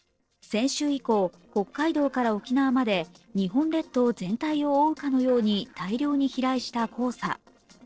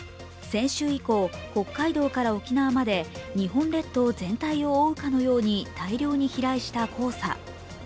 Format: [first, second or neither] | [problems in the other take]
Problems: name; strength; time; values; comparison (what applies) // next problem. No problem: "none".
second | noise reduction (neural separator model SepFormer DNS4)